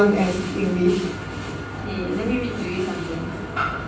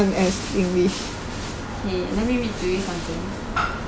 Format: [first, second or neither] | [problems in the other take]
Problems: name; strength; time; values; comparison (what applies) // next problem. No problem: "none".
second | room echo; dies away in 0.6 s